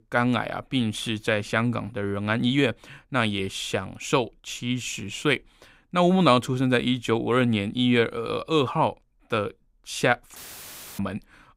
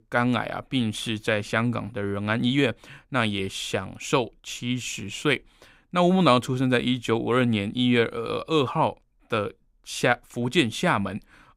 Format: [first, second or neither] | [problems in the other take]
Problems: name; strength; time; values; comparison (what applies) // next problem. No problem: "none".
second | audio cutting out; filled with static; at 10 s for 0.5 s